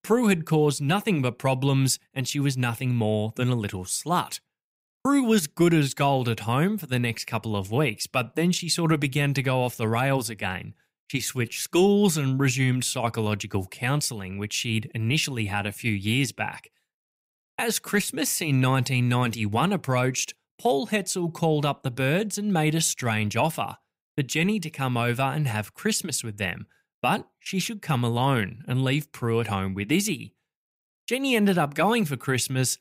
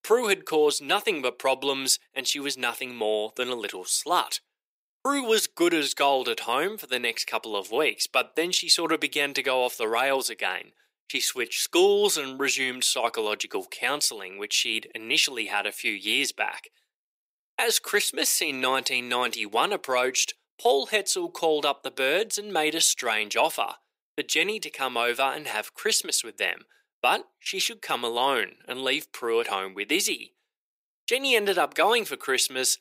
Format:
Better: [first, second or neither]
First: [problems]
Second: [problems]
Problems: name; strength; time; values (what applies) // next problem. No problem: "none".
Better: first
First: none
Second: thin; very; fading below 400 Hz